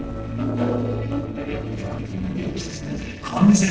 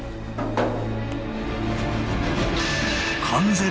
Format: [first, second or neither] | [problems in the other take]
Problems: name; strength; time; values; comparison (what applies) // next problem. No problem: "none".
second | noise reduction (neural separator model SepFormer DNS4)